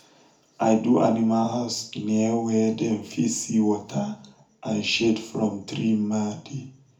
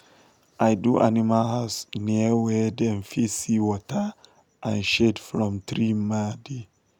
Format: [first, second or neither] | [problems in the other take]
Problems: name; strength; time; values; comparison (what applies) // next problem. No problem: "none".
second | room echo; dies away in 0.4 s